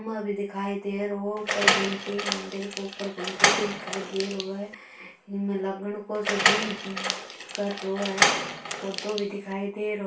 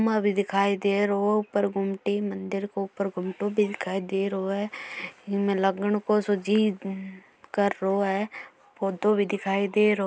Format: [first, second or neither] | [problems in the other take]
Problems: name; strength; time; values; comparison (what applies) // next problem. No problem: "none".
second | background sound (Door); 4 dB above the speech // room echo; dies away in 0.2 s